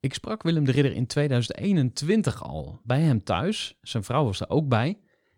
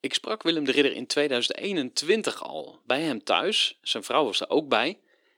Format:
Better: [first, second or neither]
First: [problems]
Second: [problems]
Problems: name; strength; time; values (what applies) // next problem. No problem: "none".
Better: first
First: none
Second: thin; somewhat; fading below 300 Hz